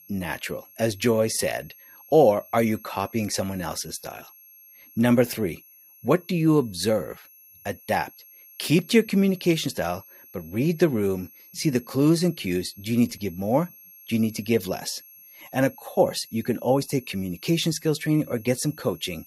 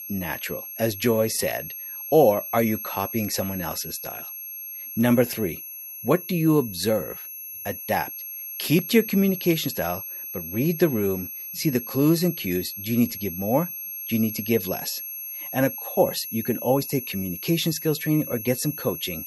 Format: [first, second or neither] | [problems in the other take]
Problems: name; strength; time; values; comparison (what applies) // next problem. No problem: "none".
first | high-pitched whine; loud; throughout; 11.5 kHz, 8 dB below the speech; faint in the first